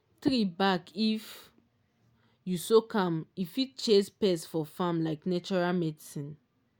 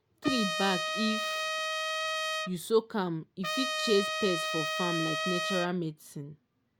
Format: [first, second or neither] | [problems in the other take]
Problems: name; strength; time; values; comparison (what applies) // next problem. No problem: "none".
first | background sound (Trumpet); as loud as the speech